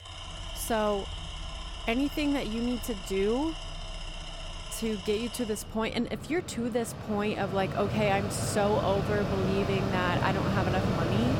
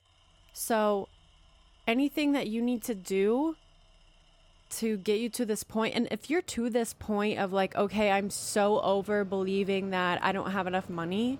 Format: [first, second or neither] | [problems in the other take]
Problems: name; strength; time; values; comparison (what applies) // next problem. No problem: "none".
second | machinery noise; loud; throughout; 4 dB below the speech; faint in the second